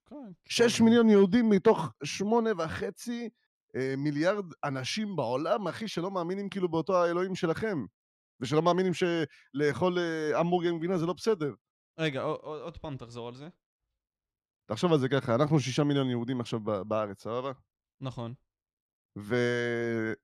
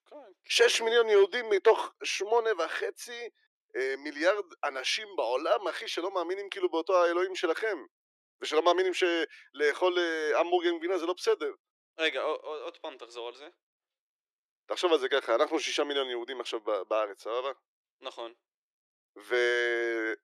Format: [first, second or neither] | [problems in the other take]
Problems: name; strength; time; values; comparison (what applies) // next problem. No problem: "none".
first | thin; very; fading below 350 Hz